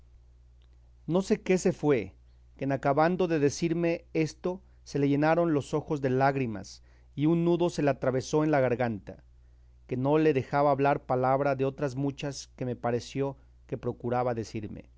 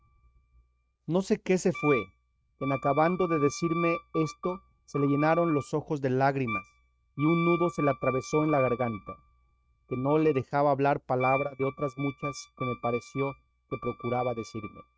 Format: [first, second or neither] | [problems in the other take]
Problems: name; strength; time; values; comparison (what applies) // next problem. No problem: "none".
first | noise reduction (neural mask model RNNoise)